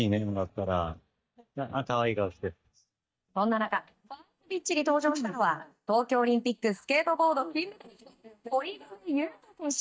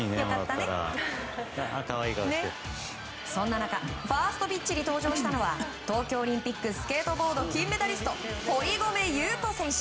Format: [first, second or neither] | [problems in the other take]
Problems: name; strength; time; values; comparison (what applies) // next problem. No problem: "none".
second | noise reduction (neural mask model DeepFilterNet 3)